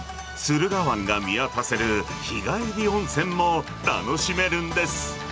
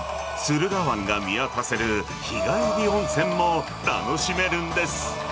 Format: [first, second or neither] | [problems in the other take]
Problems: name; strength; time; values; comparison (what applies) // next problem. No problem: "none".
first | background sound (Breathing); 5 dB below the speech